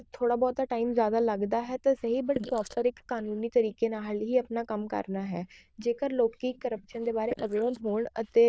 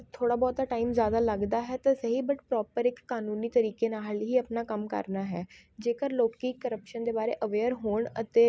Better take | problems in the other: second | noise reduction (neural diffusion model UNIVERSE++)

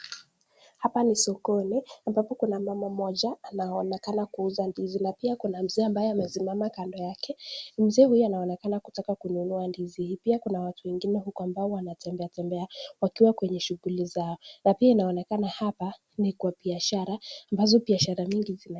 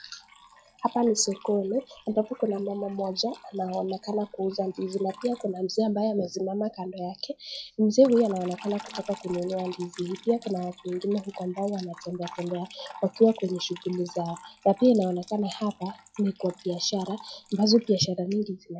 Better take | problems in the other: first | noise reduction (classical method log-MMSE)

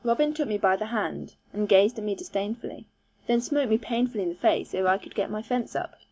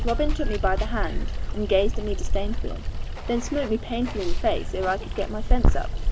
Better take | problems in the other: first | background sound (Water); 4 dB above the speech

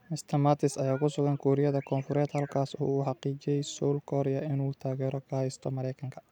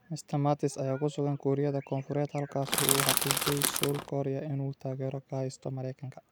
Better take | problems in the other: first | background sound (Crushing); 3 dB above the speech

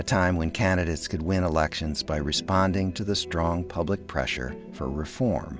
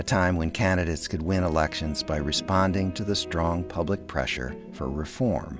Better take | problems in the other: first | background sound (Wind instrument, woodwind instrument); 18 dB below the speech

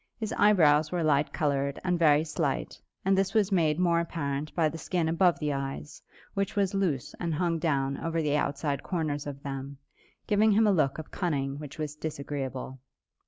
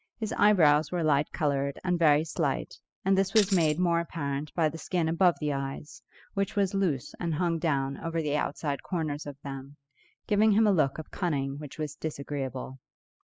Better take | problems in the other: first | noise reduction (classical method spectral subtraction)

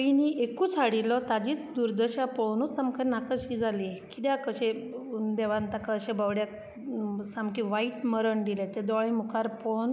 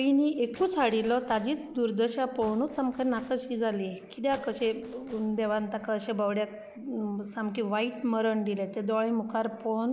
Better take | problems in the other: first | noise reduction (neural separator model SepFormer DNS4)

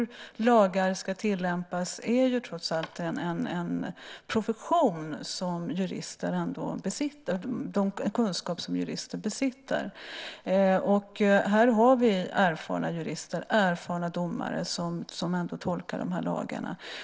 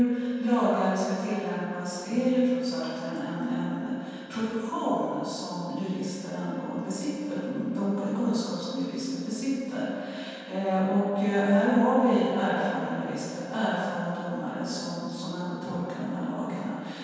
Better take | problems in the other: first | background sound (Wind instrument, woodwind instrument); 19 dB below the speech // room echo; dies away in 2.1 s

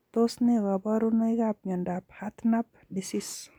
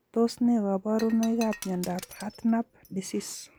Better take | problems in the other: first | background sound (Shatter); 18 dB below the speech

